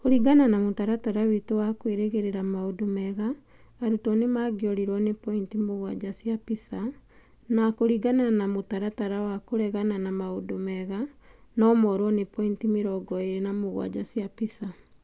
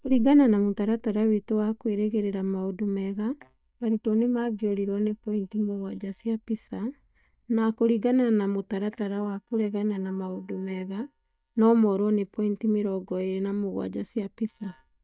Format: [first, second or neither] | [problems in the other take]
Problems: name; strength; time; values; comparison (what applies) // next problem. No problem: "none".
first | noise reduction (neural mask model DeepFilterNet 3)